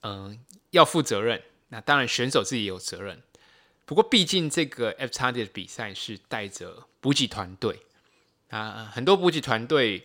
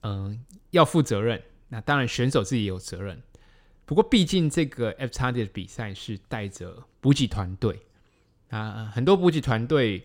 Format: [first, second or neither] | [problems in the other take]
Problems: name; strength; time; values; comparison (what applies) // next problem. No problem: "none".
second | thin; somewhat; fading below 500 Hz